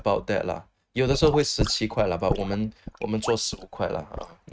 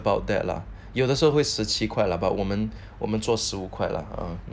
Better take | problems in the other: second | noise reduction (neural mask model RNNoise)

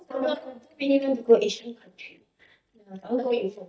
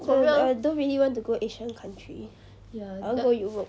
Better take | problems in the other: second | noise reduction (neural mask model DeepFilterNet 3)

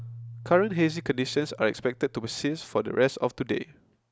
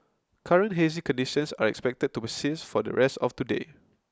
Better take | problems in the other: second | background sound (Keyboard (musical)); 19 dB below the speech

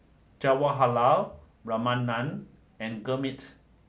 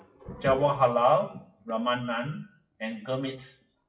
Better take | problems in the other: first | noise reduction (classical method WPE with log-MMSE)

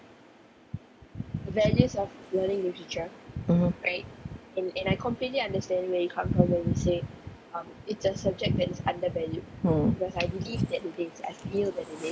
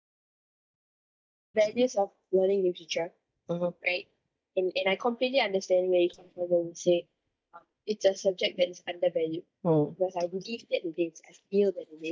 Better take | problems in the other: first | noise reduction (neural mask model DeepFilterNet 3)

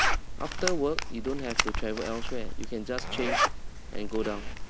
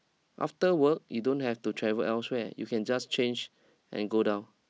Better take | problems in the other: second | background sound (Zipper (clothing)); 4 dB above the speech

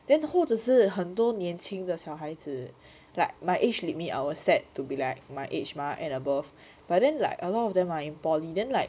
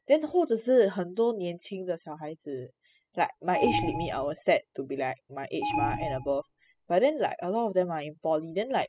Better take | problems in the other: first | noise reduction (classical method spectral subtraction)

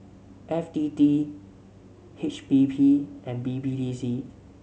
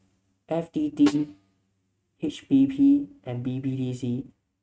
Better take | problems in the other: first | noise reduction (neural mask model RNNoise)

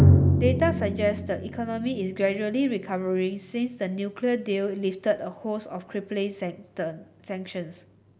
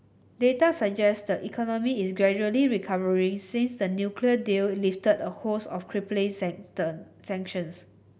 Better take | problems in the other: second | background sound (Drum); as loud as the speech

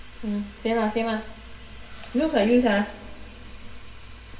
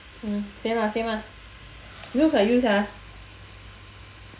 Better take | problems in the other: second | background sound (Engine); 14 dB below the speech // room echo; dies away in 2.2 s

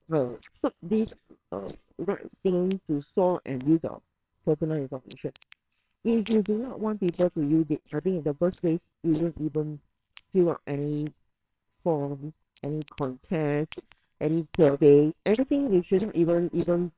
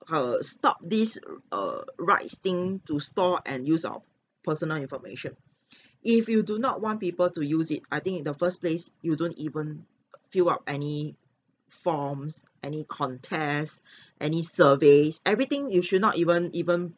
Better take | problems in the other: second | noise reduction (neural separator model SepFormer WHAMR!)

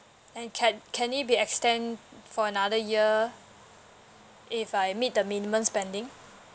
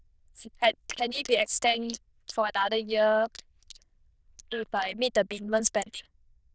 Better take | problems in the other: first | noise reduction (neural diffusion model UNIVERSE++)

